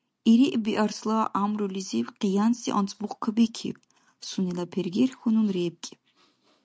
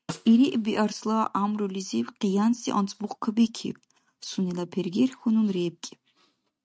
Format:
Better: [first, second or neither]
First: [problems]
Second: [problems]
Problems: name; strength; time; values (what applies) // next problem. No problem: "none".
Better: first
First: none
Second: noise reduction (neural mask model RNNoise)